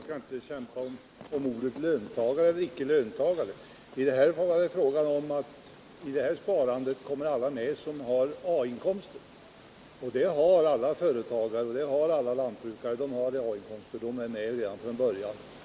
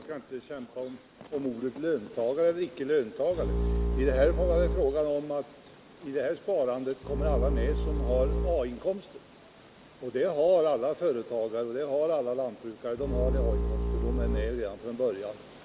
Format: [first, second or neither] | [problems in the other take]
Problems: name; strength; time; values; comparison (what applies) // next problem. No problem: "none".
first | background sound (Bowed string instrument); 1 dB above the speech